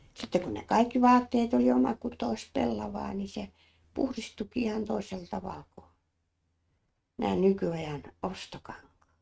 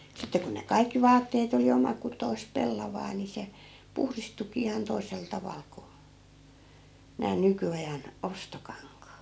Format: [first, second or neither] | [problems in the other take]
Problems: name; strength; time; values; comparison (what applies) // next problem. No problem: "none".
second | noise reduction (neural mask model RNNoise)